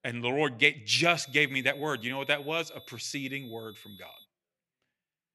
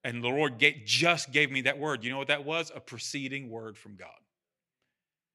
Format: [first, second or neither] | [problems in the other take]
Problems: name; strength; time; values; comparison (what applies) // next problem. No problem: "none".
second | high-pitched whine; faint; from 1 to 4 s; 3.5 kHz, 25 dB below the speech